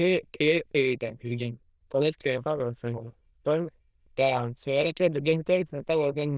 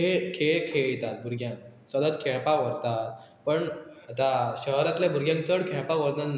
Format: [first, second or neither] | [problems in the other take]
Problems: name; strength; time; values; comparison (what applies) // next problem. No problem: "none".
second | noise reduction (neural diffusion model UNIVERSE++)